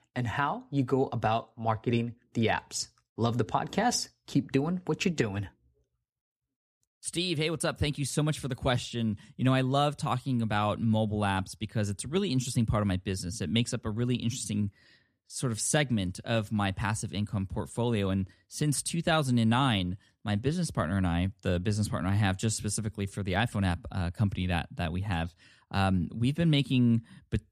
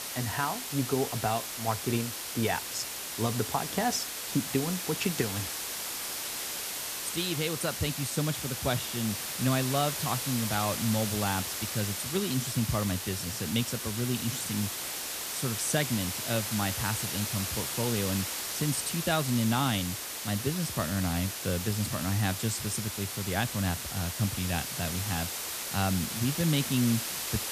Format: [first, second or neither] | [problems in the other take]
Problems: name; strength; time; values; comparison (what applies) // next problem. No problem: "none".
first | hiss; loud; throughout; 2 dB below the speech